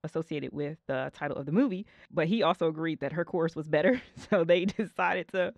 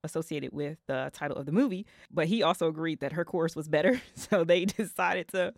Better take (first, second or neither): second